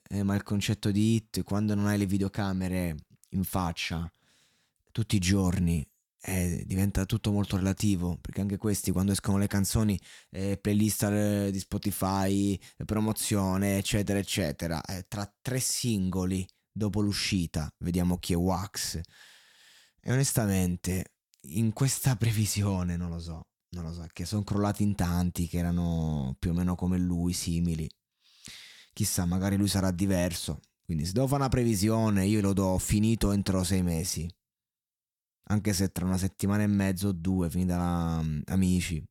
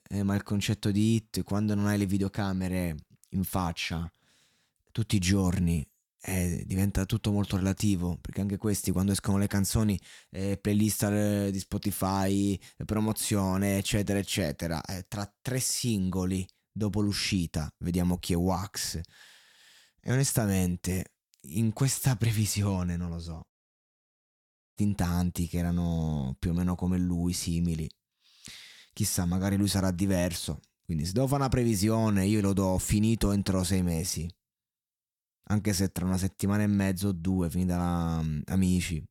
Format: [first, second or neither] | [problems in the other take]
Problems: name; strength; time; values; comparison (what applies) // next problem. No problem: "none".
first | audio cutting out; at 24 s for 1.5 s